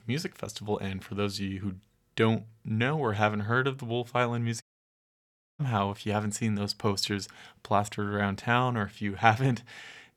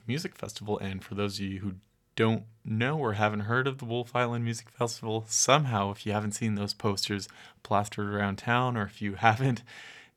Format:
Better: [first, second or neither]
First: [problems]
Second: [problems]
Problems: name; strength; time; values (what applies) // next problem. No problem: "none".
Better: second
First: audio cutting out; at 4.5 s for 1 s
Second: none